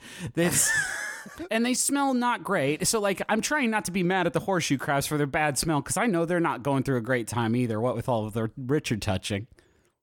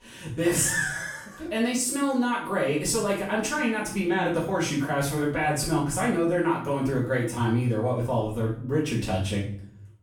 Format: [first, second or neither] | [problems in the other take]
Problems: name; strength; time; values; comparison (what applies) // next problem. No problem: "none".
first | room echo; noticeable; dies away in 0.5 s // off-mic speech; far